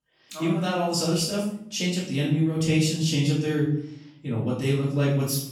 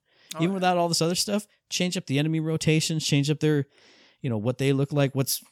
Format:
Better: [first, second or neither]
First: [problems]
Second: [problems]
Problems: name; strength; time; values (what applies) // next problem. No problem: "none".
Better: second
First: off-mic speech; far // room echo; noticeable; dies away in 0.6 s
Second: none